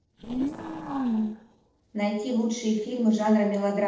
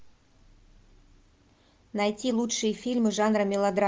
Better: second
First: noise reduction (neural separator model SepFormer DNS4)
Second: none

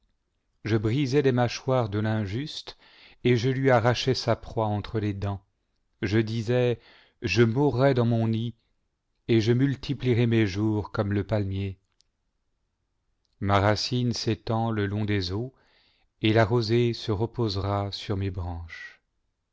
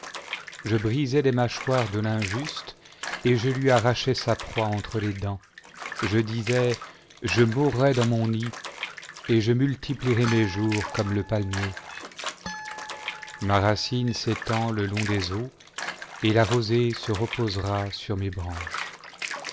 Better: first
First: none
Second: background sound (Bathtub (filling or washing) / Water + Harp); 11 dB below the speech

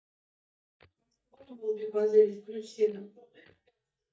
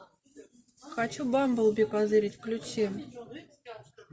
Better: second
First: noise reduction (neural mask model DeepFilterNet 3)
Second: none

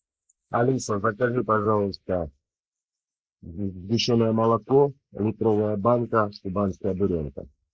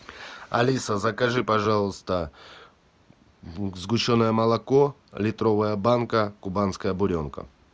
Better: second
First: noise reduction (neural mask model Resemble Enhance denoiser)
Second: none

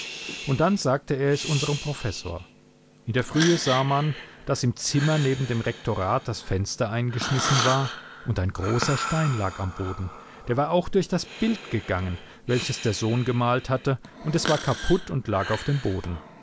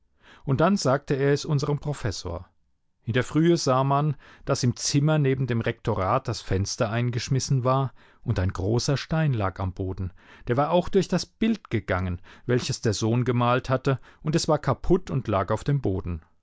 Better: second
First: background sound (Breathing); 10 dB below the speech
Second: none

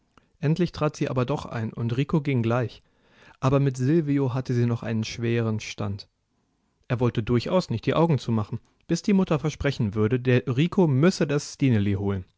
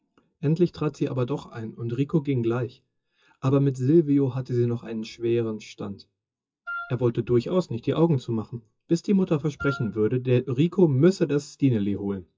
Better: first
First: none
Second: noise reduction (classical method WPE with log-MMSE)

